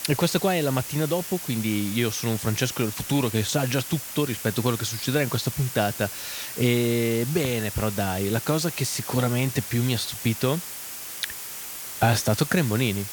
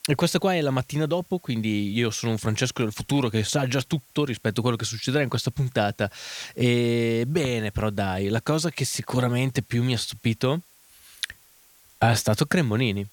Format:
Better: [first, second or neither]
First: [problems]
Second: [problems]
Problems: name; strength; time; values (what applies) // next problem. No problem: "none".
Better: second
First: hiss; loud; throughout; 8 dB below the speech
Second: hiss; faint; throughout; 30 dB below the speech